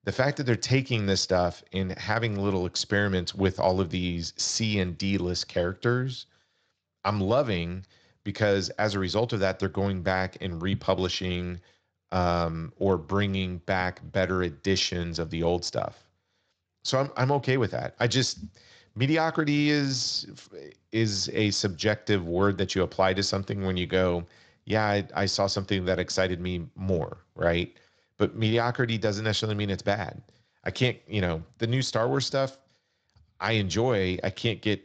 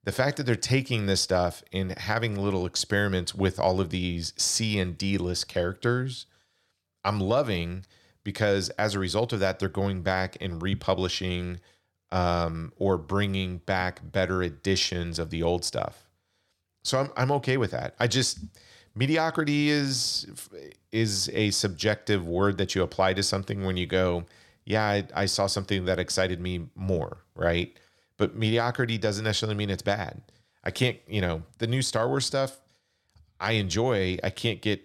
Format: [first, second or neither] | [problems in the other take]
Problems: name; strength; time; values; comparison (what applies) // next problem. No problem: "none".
second | garbled, watery; slightly; nothing above 7.5 kHz